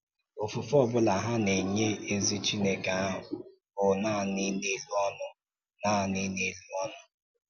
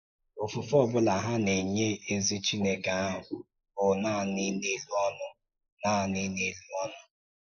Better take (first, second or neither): first